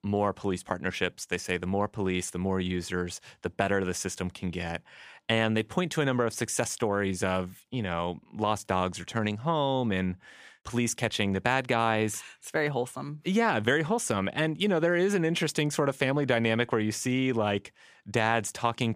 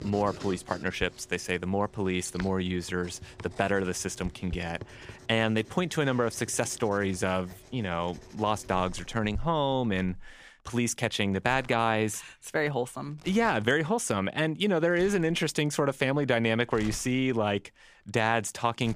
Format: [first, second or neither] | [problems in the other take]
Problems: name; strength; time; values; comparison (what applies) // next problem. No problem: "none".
first | household noises; noticeable; throughout; 20 dB below the speech